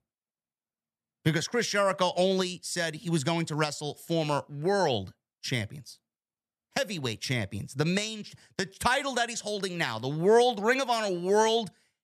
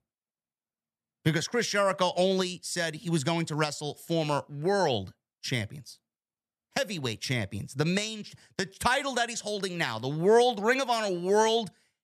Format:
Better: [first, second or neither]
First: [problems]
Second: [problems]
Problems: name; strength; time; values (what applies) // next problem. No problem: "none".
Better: neither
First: none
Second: none